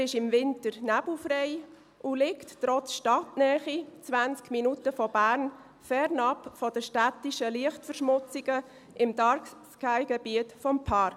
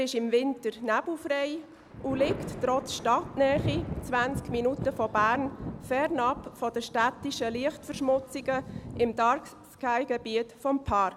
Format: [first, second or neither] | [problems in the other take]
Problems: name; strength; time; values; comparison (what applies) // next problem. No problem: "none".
first | background sound (Thunder); 11 dB below the speech